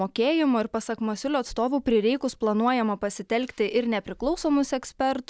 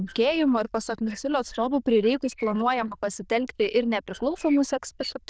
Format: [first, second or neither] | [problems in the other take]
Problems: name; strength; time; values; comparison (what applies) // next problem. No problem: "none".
first | noise reduction (neural diffusion model UNIVERSE++)